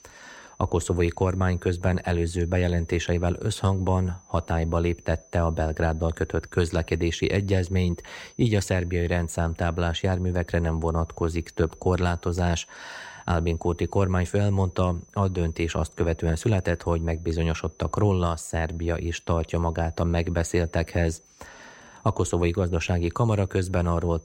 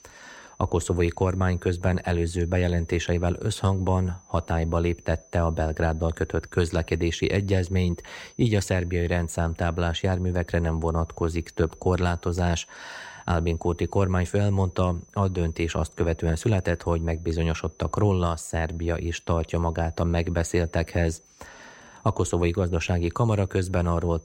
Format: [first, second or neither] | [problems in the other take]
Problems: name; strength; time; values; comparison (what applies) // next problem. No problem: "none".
neither | high-pitched whine; faint; throughout; 6 kHz, 25 dB below the speech; the same in both